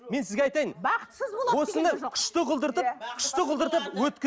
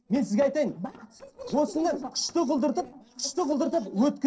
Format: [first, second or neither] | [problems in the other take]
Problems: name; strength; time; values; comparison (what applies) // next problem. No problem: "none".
first | noise reduction (neural separator model SepFormer DNS4)